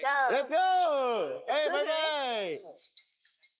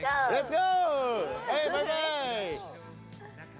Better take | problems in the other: second | noise reduction (neural mask model Resemble Enhance denoiser)

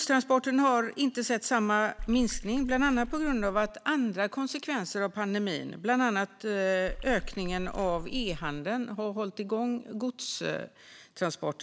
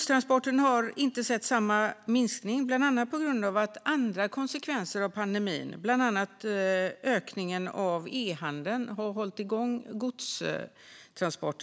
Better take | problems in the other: second | background sound (Water / Splash, splatter); 8 dB below the speech

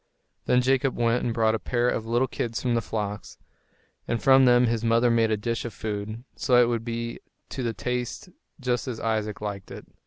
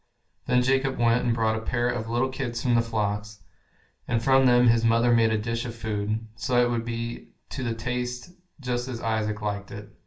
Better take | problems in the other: first | room echo; dies away in 0.3 s

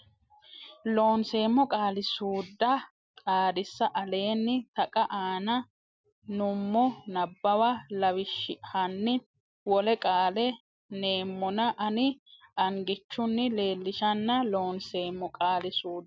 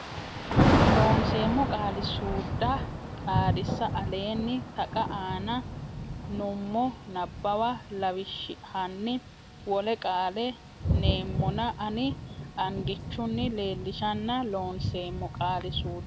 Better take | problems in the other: first | background sound (Thunder / Rain); 1 dB above the speech

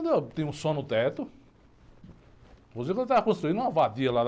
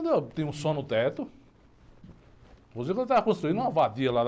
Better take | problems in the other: first | background sound (Brass instrument); 16 dB below the speech

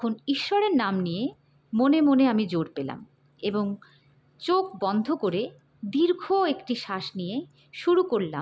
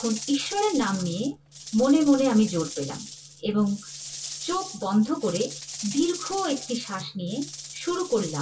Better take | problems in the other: first | background sound (Rattle / Rattle (instrument)); 12 dB below the speech // room echo; dies away in 0.1 s

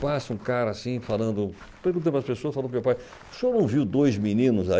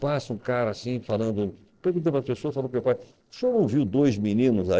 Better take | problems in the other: first | noise reduction (neural separator model SepFormer DNS4)

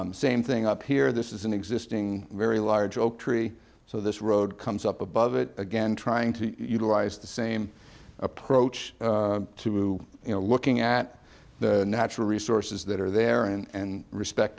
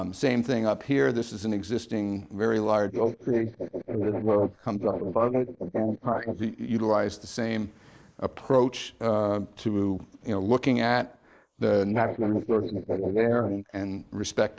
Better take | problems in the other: first | noise reduction (neural mask model Resemble Enhance denoiser)

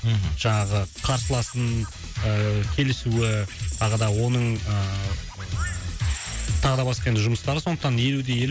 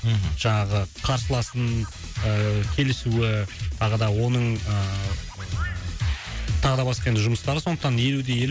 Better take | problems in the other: second | background sound (Tambourine); 18 dB below the speech

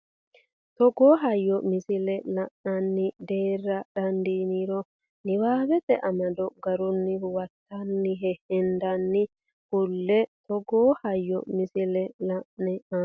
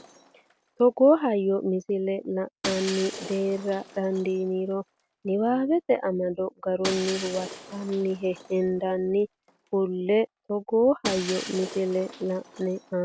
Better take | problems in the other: first | background sound (Shatter); 15 dB below the speech

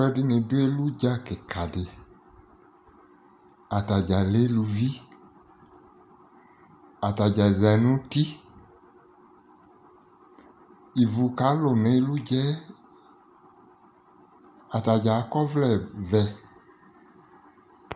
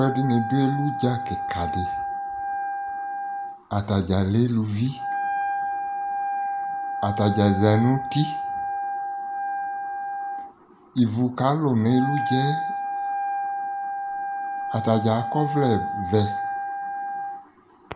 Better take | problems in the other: first | background sound (Wind instrument, woodwind instrument); 3 dB below the speech

